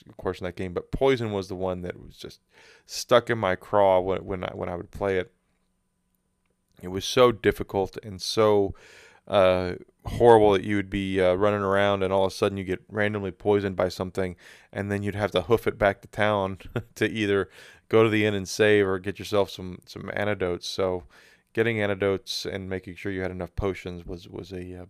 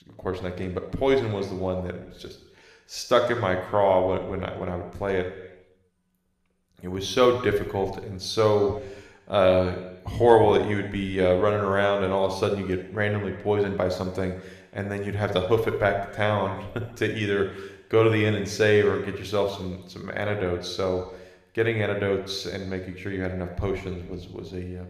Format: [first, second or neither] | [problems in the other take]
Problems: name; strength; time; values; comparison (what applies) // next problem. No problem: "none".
first | room echo; slight; dies away in 0.9 s